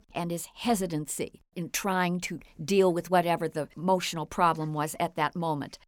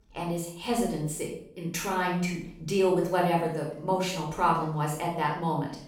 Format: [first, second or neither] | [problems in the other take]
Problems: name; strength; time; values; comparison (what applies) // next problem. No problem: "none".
first | off-mic speech; somewhat distant // room echo; noticeable; dies away in 0.5 s